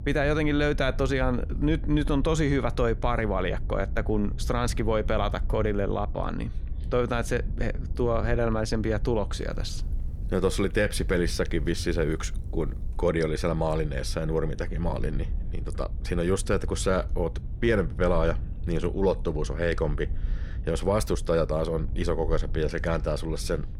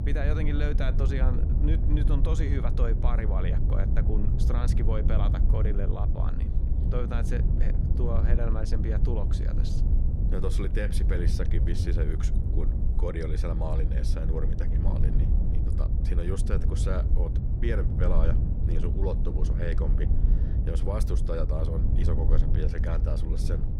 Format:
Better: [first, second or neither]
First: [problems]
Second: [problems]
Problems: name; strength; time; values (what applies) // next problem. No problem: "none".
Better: first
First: low rumble; faint; throughout; 20 dB below the speech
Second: low rumble; loud; throughout; 4 dB below the speech